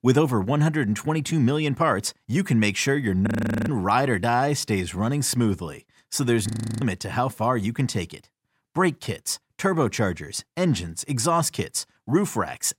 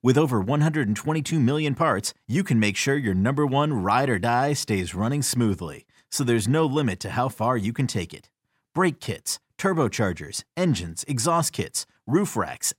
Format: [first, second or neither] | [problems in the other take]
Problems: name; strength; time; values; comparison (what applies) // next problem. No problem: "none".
second | audio freezing; at 3.5 s and at 6.5 s